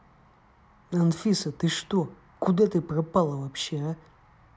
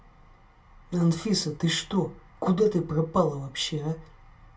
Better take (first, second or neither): first